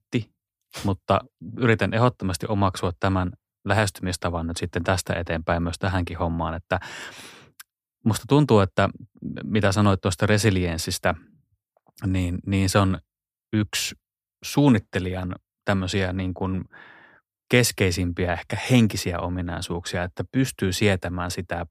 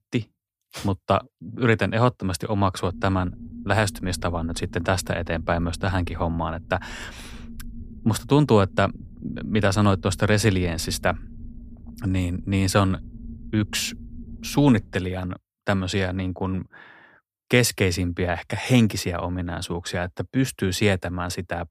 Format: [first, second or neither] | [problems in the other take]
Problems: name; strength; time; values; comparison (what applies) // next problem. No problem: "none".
first | low rumble; faint; from 3 to 15 s; 25 dB below the speech